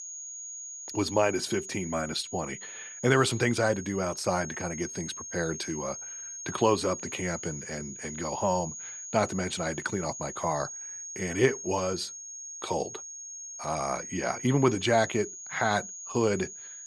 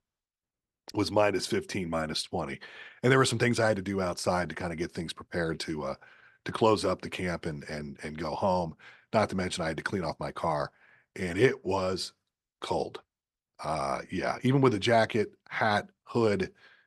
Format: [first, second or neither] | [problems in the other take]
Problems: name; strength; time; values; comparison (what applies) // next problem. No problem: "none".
second | high-pitched whine; loud; throughout; 6.5 kHz, 9 dB below the speech